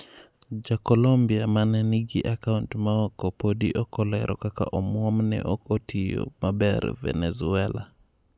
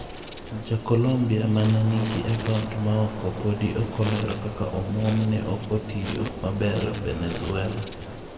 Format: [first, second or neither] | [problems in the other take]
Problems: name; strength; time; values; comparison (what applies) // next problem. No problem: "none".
first | background sound (Insect); 10 dB below the speech // room echo; dies away in 1.4 s